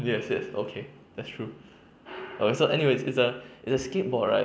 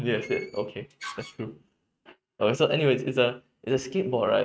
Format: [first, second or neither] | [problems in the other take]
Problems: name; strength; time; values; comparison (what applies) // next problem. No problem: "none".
first | noise reduction (neural mask model RNNoise)